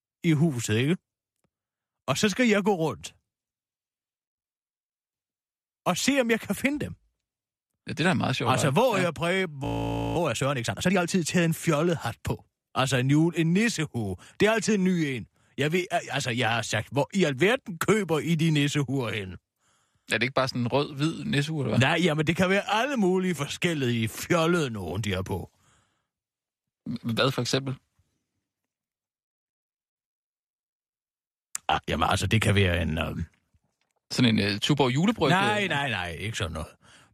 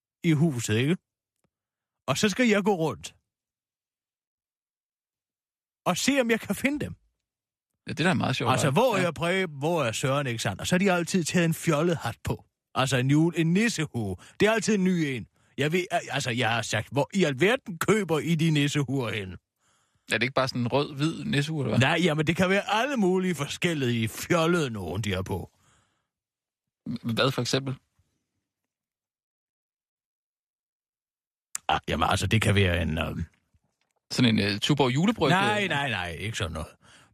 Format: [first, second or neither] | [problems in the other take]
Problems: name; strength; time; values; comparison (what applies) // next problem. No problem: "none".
second | audio freezing; at 9.5 s for 0.5 s